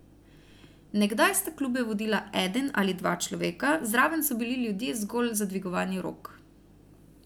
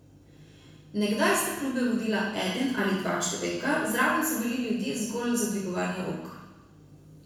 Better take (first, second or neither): first